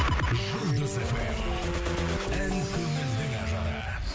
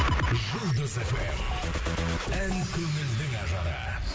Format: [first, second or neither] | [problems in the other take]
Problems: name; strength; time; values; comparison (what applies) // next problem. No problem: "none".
second | background sound (Piano); 8 dB below the speech